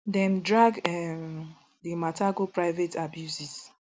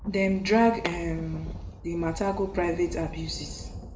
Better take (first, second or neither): first